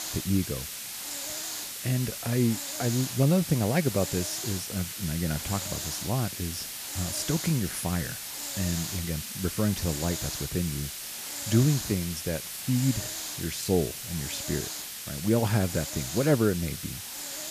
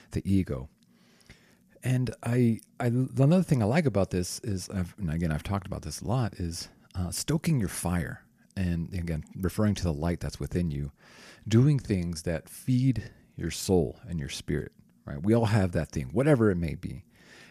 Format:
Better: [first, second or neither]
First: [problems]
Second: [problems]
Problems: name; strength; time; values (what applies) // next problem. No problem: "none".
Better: second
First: hiss; loud; throughout; 4 dB below the speech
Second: none